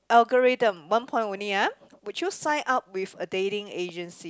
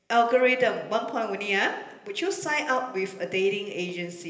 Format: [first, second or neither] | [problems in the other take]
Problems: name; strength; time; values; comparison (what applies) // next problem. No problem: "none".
first | room echo; dies away in 1.4 s